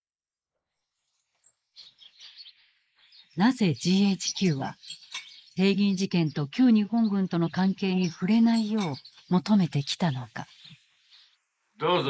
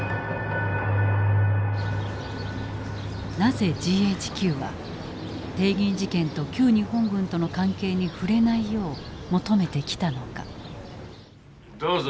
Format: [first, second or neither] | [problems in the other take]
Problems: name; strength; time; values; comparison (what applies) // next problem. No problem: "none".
second | noise reduction (neural mask model Resemble Enhance denoiser)